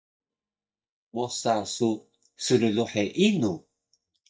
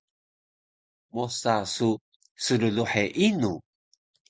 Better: second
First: noise reduction (neural mask model DeepFilterNet 3)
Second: none

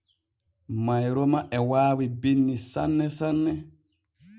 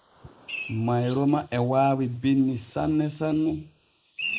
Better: first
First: none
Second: noise reduction (neural mask model Resemble Enhance denoiser)

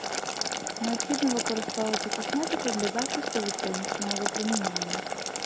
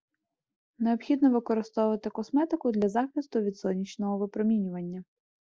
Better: second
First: background sound (Boiling); 1 dB above the speech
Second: none

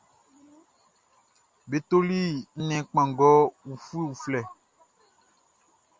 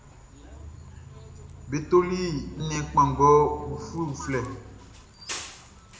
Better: first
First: none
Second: background sound (Bus); 14 dB below the speech // room echo; dies away in 0.7 s

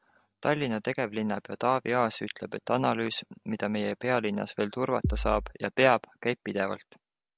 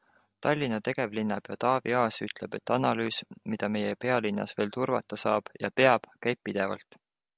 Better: second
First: background sound (Bass drum); 1 dB below the speech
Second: none

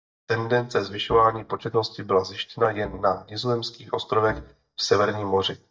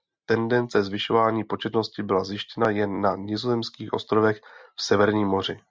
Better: second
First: noise reduction (neural mask model DeepFilterNet 3)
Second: none

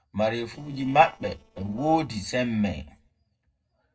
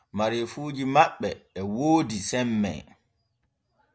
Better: second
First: noise reduction (neural separator model SepFormer DNS4)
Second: none

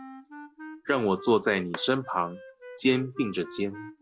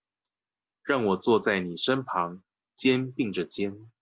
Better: second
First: background sound (Clapping + Wind instrument, woodwind instrument); 15 dB below the speech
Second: none

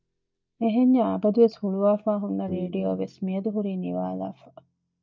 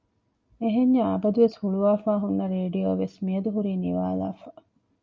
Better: second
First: noise reduction (neural mask model DeepFilterNet 3)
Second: none

